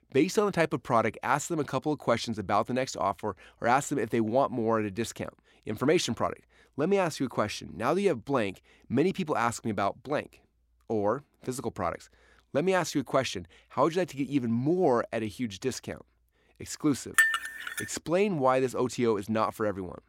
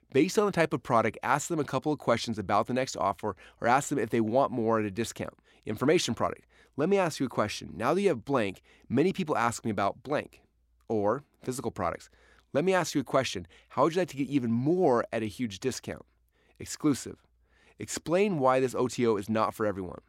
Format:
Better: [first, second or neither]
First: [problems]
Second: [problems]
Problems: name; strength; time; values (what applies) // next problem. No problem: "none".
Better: second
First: clattering dishes; loud; at 17 s; peak 6 dB above the speech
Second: none